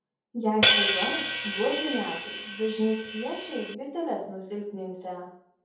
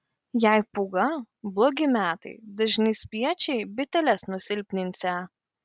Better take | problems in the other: second | background sound (Hi-hat); 3 dB above the speech // room echo; dies away in 0.7 s

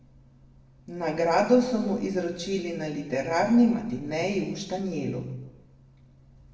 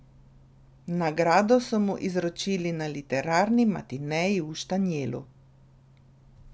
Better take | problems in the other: second | room echo; dies away in 1 s

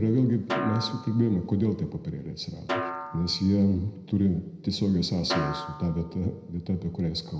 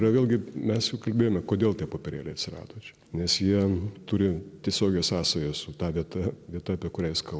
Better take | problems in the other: second | background sound (Snare drum); 10 dB below the speech // room echo; dies away in 0.7 s

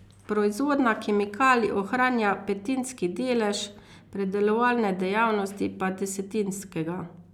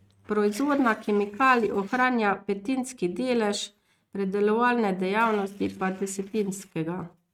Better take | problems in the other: first | noise reduction (neural mask model RNNoise)

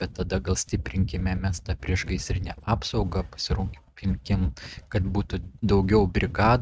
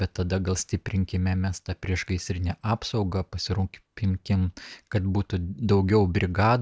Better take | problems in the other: second | noise reduction (neural mask model RNNoise)

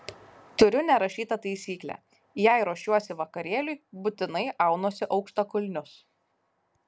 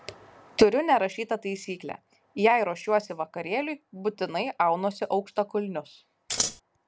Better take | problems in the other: first | background sound (Scissors); 1 dB below the speech

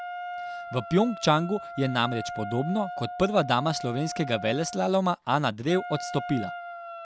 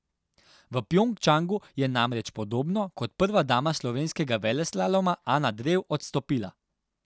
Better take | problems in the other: second | background sound (Wind instrument, woodwind instrument); 10 dB below the speech

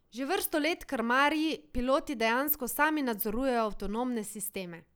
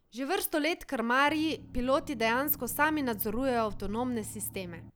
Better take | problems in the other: first | background sound (Engine); 18 dB below the speech

